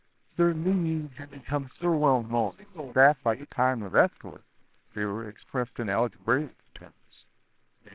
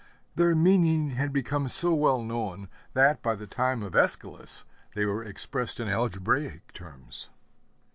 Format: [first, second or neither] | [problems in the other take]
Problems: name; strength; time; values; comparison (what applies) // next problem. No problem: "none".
second | noise reduction (neural separator model SepFormer WHAMR!)